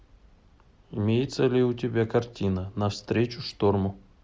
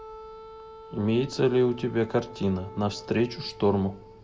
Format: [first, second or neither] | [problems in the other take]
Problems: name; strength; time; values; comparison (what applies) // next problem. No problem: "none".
first | background sound (Wind instrument, woodwind instrument); 17 dB below the speech // room echo; dies away in 1.8 s